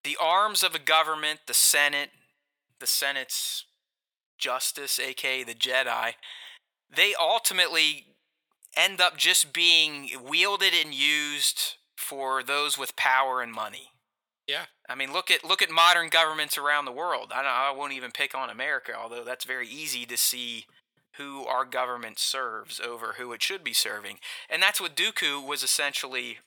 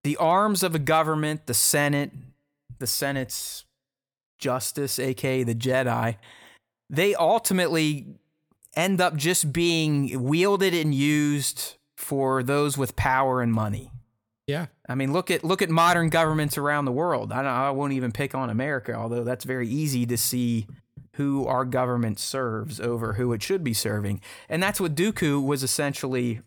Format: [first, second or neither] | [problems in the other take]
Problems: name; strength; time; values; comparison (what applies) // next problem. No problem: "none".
second | thin; very; fading below 800 Hz